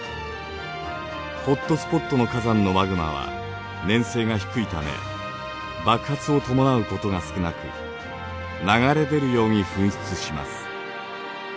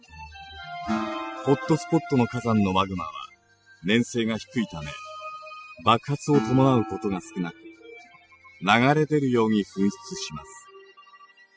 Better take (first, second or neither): first